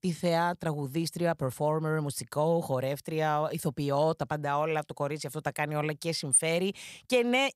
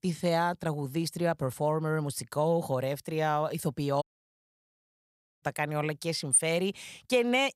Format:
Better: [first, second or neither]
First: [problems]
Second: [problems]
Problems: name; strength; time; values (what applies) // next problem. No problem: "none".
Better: first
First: none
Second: audio cutting out; at 4 s for 1.5 s